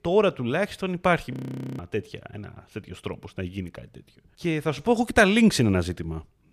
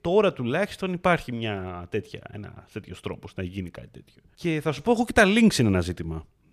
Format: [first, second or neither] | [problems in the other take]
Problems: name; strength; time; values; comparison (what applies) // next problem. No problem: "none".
second | audio freezing; at 1.5 s